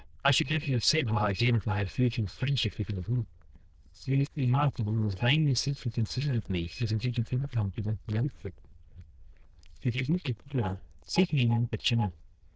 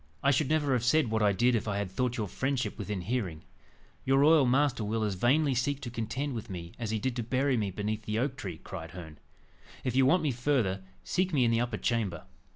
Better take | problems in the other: second | noise reduction (neural diffusion model UNIVERSE++)

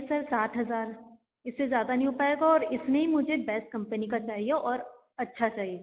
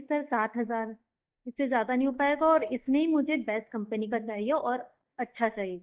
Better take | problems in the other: first | noise reduction (neural mask model DeepFilterNet 3)

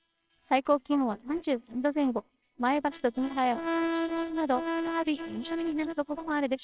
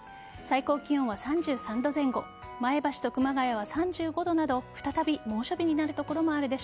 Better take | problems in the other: second | noise reduction (neural separator model SepFormer WHAMR!)

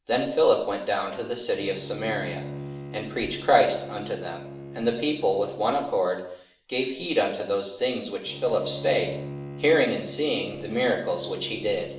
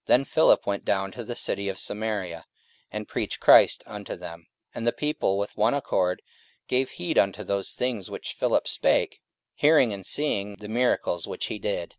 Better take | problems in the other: second | background sound (Bowed string instrument); 14 dB below the speech // room echo; dies away in 0.6 s

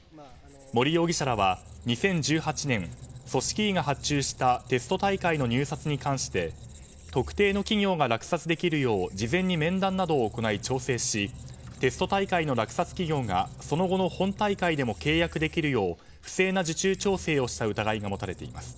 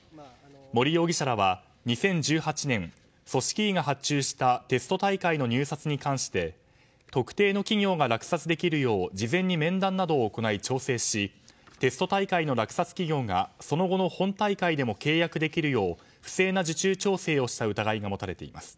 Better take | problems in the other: second | background sound (Squeak); 17 dB below the speech

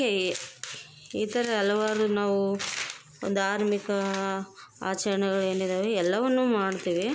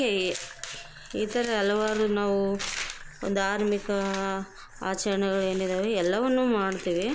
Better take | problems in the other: first | background sound (Alarm + Fill (with liquid)); 18 dB below the speech

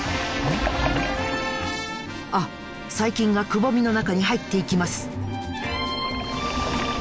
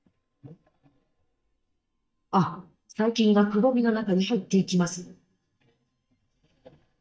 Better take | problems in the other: first | noise reduction (neural mask model DeepFilterNet 3)

